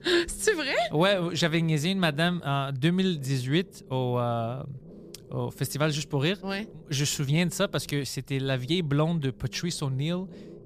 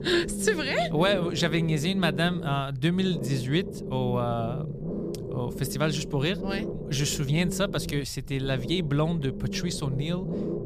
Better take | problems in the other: first | low rumble; loud; throughout; 10 dB below the speech; faint in the first

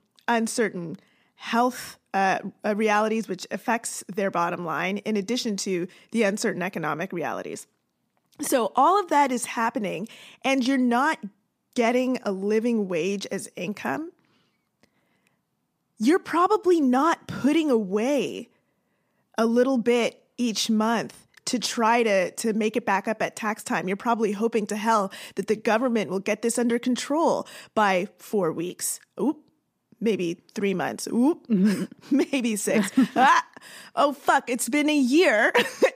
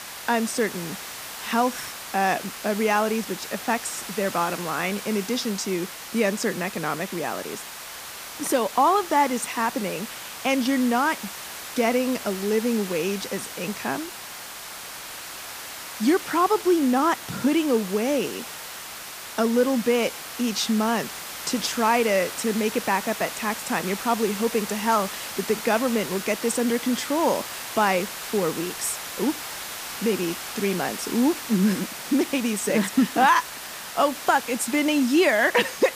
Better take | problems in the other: first | hiss; loud; throughout; 9 dB below the speech

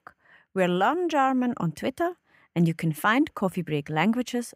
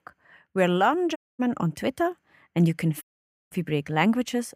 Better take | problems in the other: first | audio cutting out; at 1 s and at 3 s

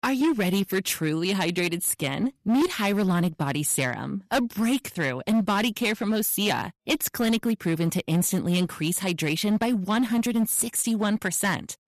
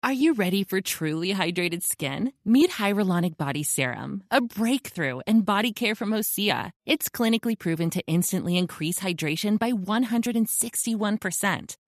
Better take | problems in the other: second | distortion; slight; 10% of the sound clipped

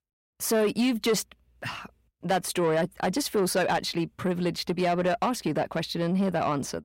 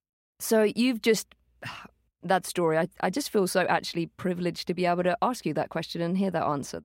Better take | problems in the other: second | distortion; slight; 10 dB below the speech

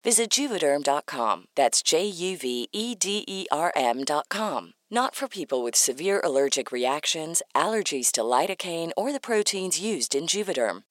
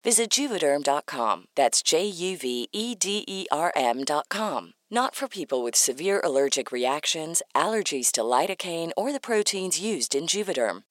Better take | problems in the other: neither | thin; somewhat; fading below 500 Hz; the same in both

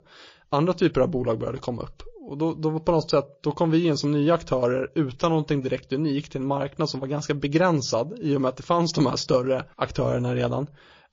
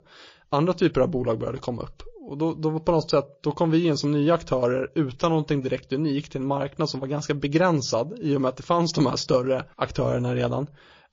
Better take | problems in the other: neither | garbled, watery; slightly; nothing above 6.5 kHz; the same in both

